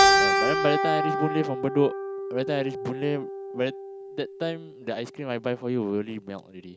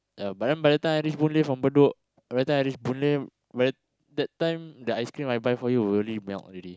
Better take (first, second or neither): second